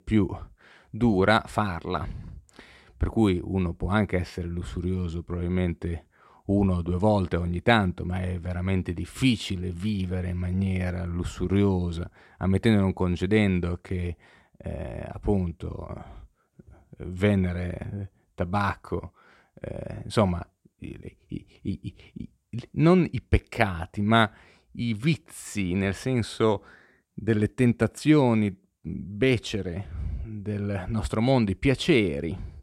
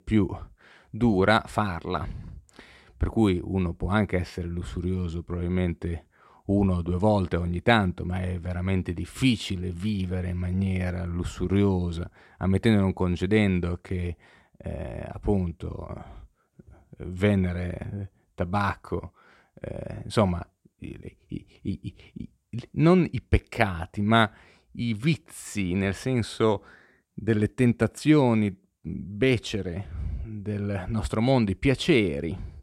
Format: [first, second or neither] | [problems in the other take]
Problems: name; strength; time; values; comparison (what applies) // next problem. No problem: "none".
neither | none